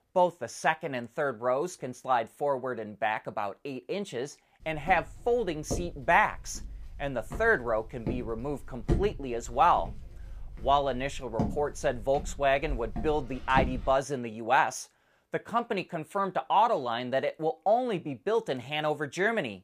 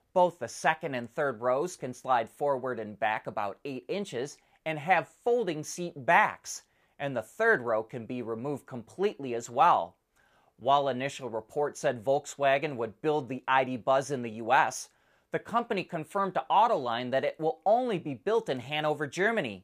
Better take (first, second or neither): second